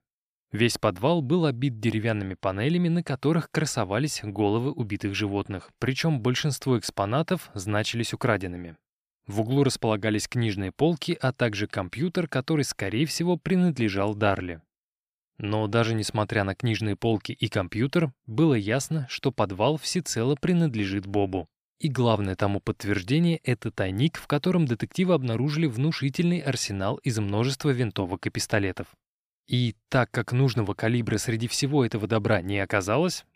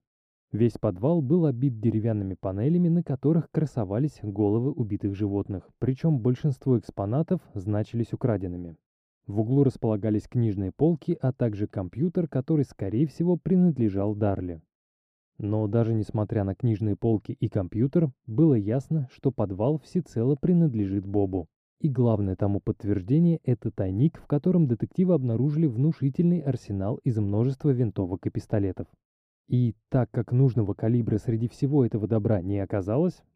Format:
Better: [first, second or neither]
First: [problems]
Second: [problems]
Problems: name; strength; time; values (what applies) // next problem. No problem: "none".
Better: first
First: none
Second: muffled; very; fading above 1 kHz